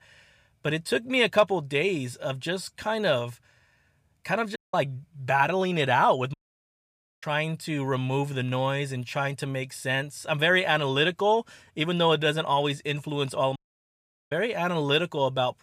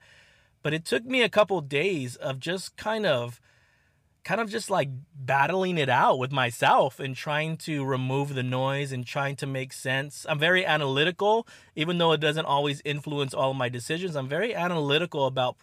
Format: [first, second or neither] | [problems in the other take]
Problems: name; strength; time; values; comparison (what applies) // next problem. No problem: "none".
second | audio cutting out; at 4.5 s, at 6.5 s for 1 s and at 14 s for 1 s